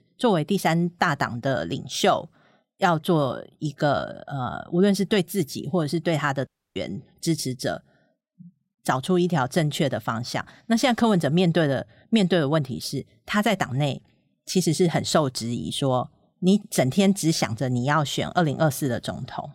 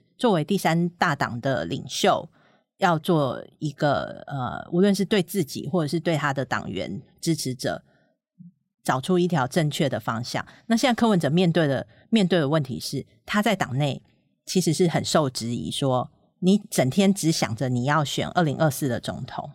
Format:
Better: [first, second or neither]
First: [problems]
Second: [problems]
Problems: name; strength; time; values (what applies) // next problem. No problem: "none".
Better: second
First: audio cutting out; at 6.5 s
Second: none